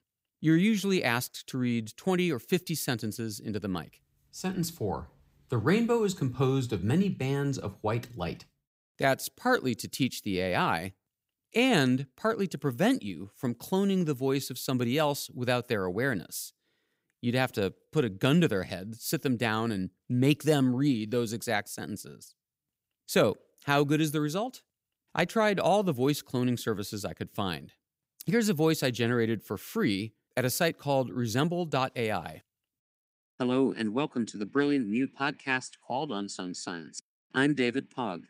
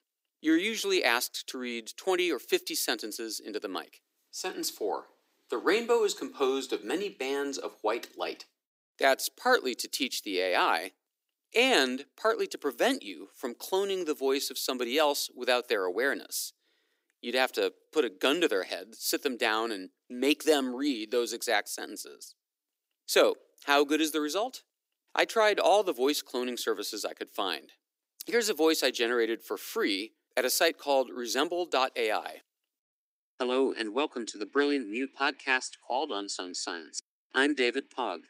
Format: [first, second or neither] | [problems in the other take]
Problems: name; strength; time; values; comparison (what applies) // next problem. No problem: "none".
first | thin; somewhat; fading below 300 Hz